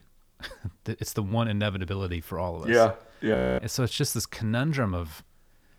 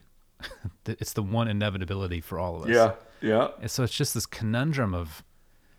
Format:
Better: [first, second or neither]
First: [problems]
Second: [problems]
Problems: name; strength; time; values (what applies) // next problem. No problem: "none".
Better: second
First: audio freezing; at 3.5 s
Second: none